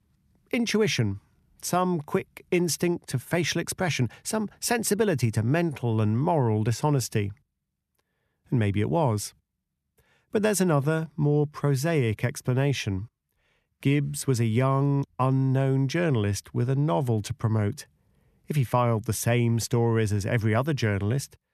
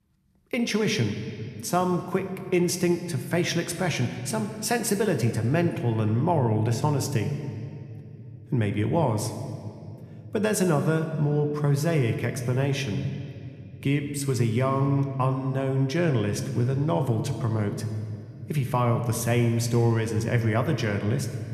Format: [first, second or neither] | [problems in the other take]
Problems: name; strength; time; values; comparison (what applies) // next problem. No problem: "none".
first | room echo; slight; dies away in 1.9 s